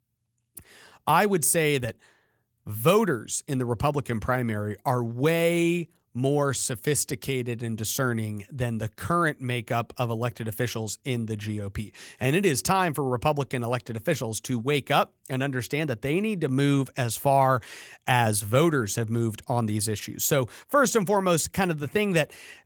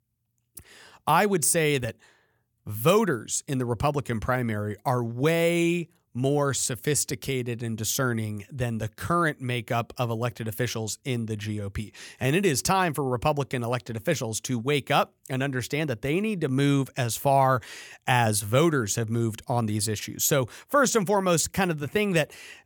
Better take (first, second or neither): second